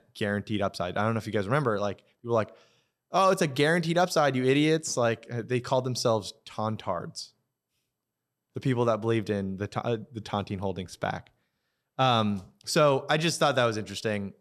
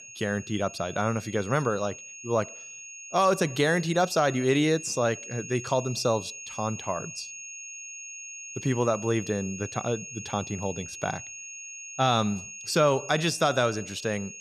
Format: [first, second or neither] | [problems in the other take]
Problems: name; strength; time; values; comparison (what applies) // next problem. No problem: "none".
first | high-pitched whine; noticeable; throughout; 6.5 kHz, 10 dB below the speech